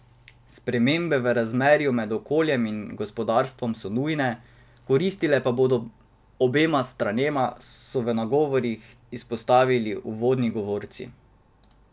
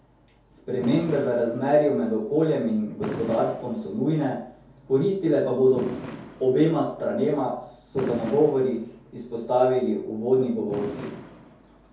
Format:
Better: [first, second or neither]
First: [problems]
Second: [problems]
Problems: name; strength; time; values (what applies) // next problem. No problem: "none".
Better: first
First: none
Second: background sound (Fireworks); 15 dB below the speech // room echo; dies away in 0.6 s